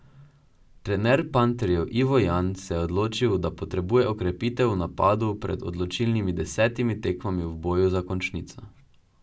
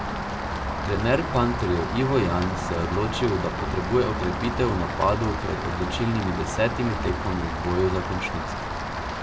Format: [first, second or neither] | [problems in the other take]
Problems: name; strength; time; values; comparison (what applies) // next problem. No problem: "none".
first | background sound (Rain); 3 dB below the speech